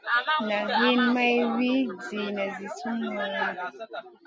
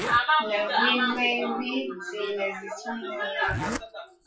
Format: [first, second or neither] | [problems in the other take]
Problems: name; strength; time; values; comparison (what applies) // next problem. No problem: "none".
first | noise reduction (classical method WPE with log-MMSE)